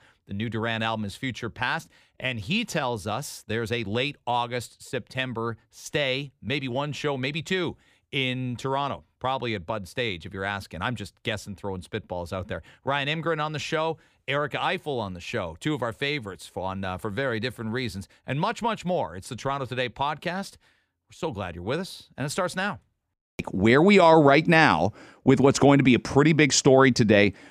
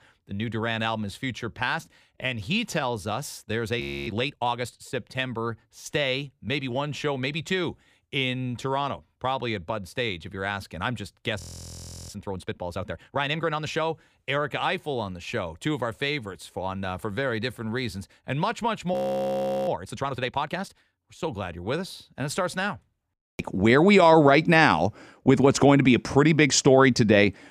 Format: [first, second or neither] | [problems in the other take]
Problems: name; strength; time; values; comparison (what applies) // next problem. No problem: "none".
first | audio freezing; at 4 s, at 11 s for 0.5 s and at 19 s for 0.5 s